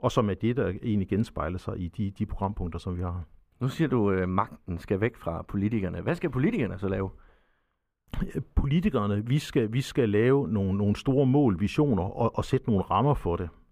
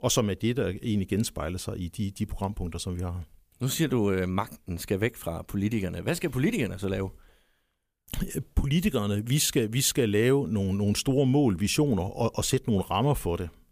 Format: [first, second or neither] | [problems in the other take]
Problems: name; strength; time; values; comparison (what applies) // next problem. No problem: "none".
second | muffled; very; fading above 3.5 kHz